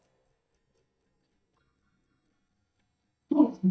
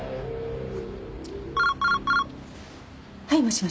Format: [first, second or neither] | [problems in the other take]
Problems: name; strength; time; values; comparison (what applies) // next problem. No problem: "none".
second | noise reduction (neural mask model DeepFilterNet 3)